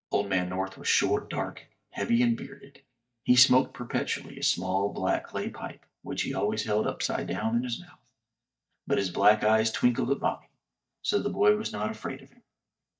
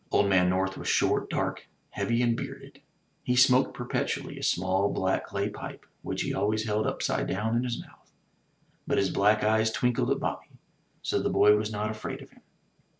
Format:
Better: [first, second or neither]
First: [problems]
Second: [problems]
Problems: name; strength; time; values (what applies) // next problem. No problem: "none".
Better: second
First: noise reduction (neural mask model DeepFilterNet 3)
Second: none